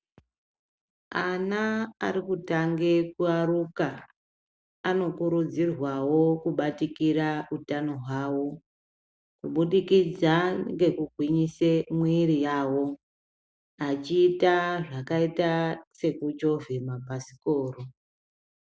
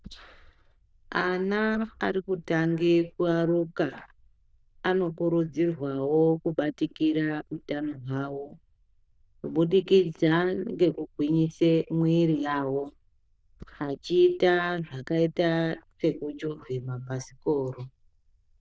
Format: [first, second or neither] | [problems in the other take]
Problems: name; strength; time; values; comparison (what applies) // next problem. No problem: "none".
first | noise reduction (neural diffusion model UNIVERSE++)